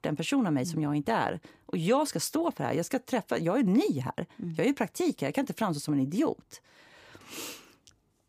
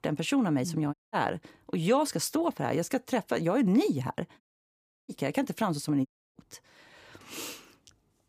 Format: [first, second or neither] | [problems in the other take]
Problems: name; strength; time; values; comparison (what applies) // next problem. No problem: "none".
first | audio cutting out; at 1 s, at 4.5 s for 0.5 s and at 6 s